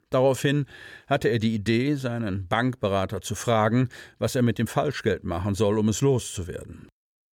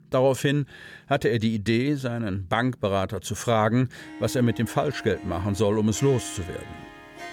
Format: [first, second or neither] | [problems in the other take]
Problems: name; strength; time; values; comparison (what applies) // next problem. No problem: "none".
first | background music; noticeable; throughout; 15 dB below the speech